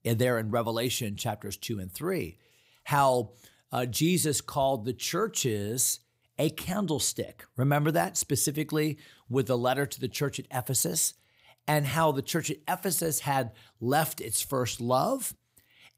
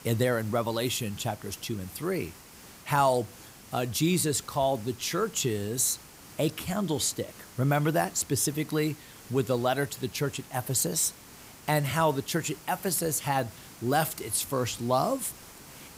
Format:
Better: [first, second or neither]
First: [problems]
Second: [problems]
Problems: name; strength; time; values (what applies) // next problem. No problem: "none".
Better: first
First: none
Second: hiss; noticeable; throughout; 20 dB below the speech